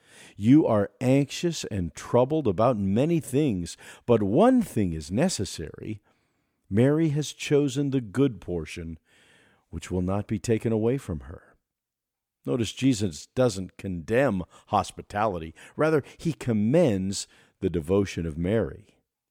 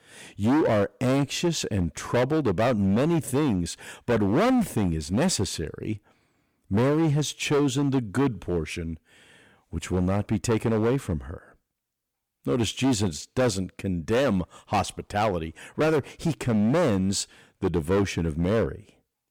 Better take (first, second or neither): first